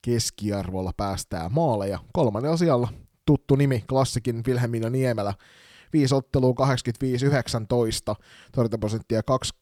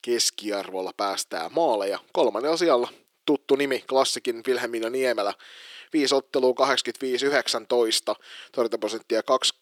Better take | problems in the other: first | thin; somewhat; fading below 350 Hz

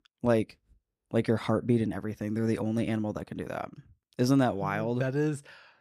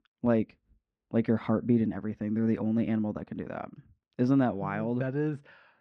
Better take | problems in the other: first | muffled; slightly; fading above 2.5 kHz

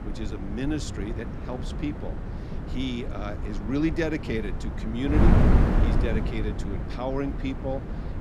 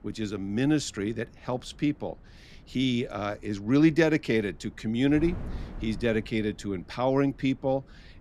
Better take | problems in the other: second | wind noise on the microphone; heavy; 2 dB below the speech; occasional gusts in the second

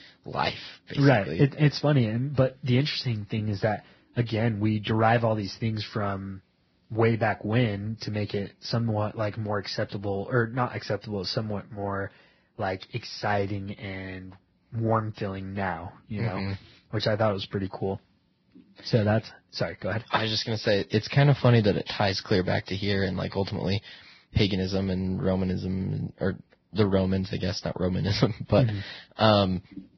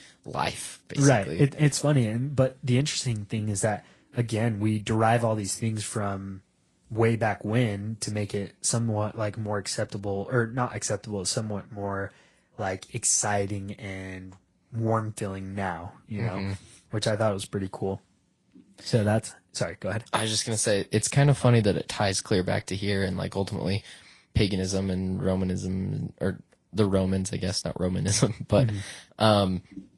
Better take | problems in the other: second | garbled, watery; badly; nothing above 5.5 kHz; slightly in the second

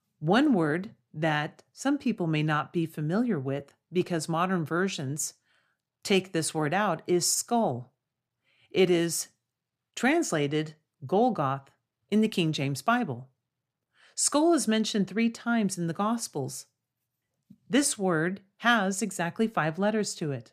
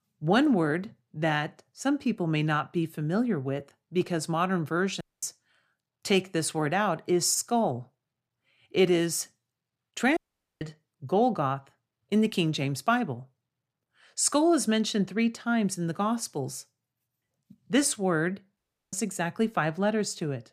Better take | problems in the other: first | audio cutting out; at 5 s, at 10 s and at 19 s

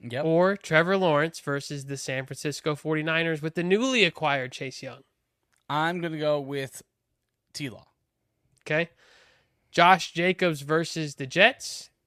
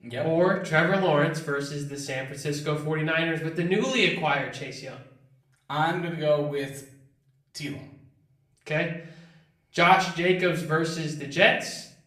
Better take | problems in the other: first | room echo; slight; dies away in 0.5 s // off-mic speech; far

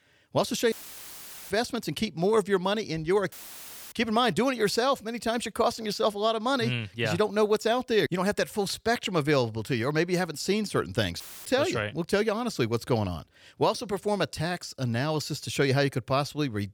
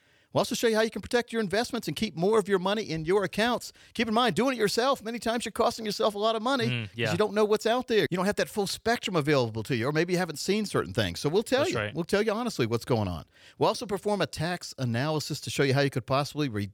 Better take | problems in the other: second | audio cutting out; filled with static; at 0.5 s for 1 s, at 3.5 s for 0.5 s and at 11 s

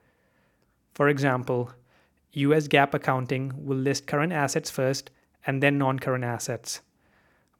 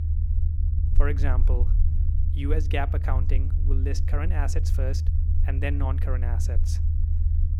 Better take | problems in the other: first | low rumble; loud; throughout; 8 dB below the speech

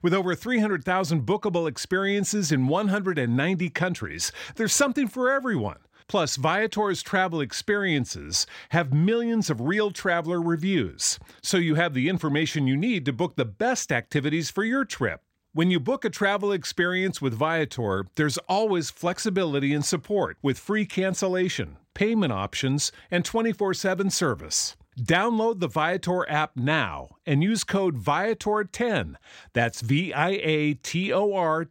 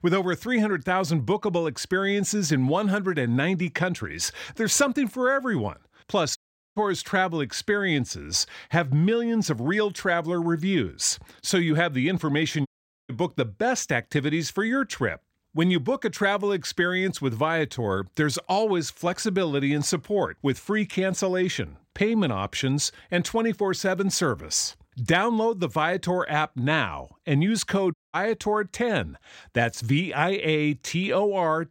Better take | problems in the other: first | audio cutting out; at 6.5 s, at 13 s and at 28 s

